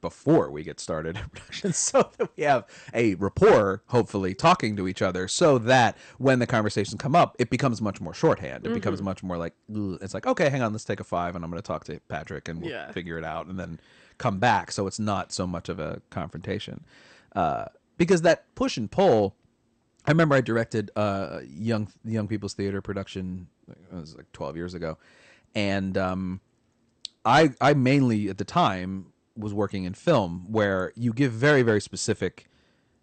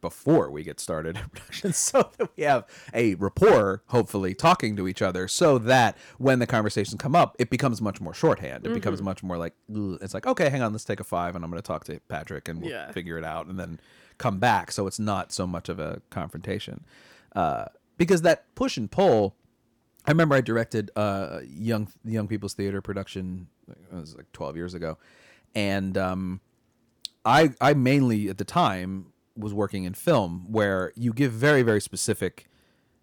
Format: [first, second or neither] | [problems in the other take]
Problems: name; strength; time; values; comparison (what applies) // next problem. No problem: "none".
second | garbled, watery; slightly; nothing above 8.5 kHz